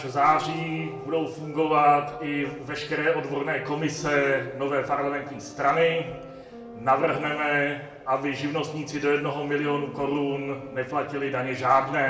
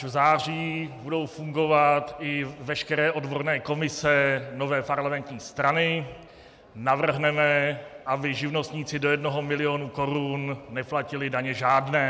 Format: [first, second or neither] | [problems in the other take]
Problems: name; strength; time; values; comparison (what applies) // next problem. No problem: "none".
second | background sound (Wind instrument, woodwind instrument); 17 dB below the speech // room echo; dies away in 0.7 s